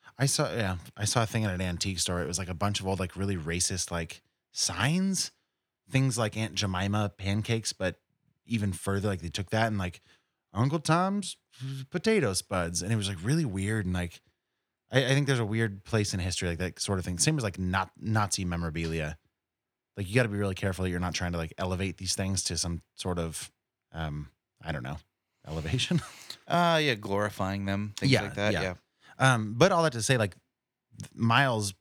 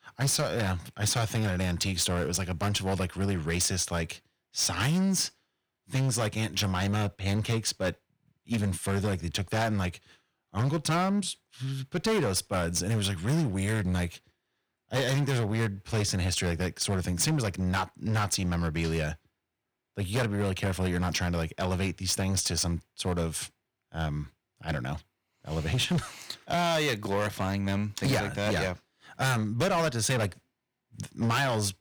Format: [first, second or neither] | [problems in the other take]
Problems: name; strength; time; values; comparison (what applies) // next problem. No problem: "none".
first | distortion; heavy; 11% of the sound clipped